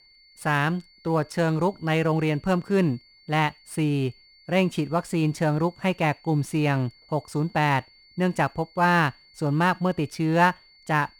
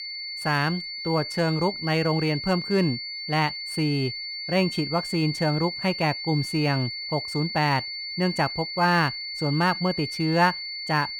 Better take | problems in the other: first | high-pitched whine; loud; throughout; 4.5 kHz, 6 dB below the speech; faint in the first

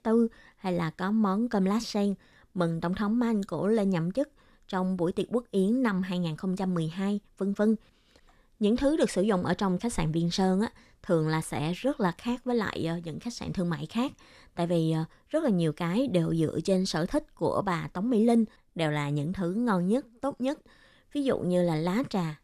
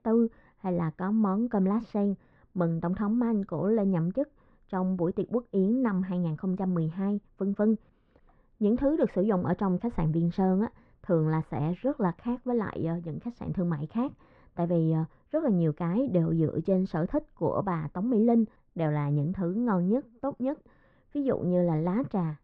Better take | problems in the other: first | muffled; very; fading above 1 kHz

